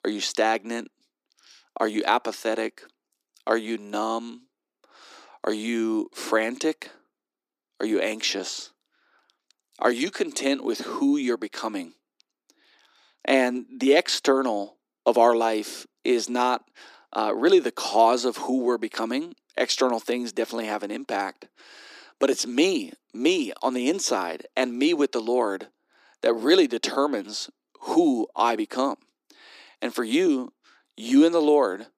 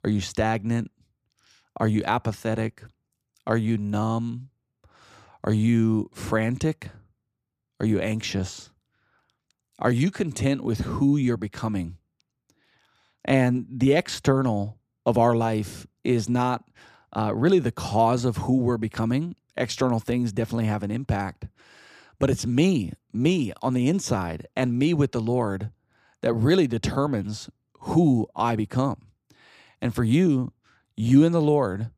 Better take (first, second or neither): second